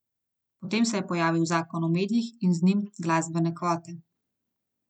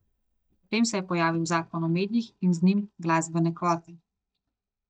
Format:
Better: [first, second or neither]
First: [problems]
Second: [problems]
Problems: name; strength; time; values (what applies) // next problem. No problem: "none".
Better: first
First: none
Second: noise reduction (neural mask model DeepFilterNet 3)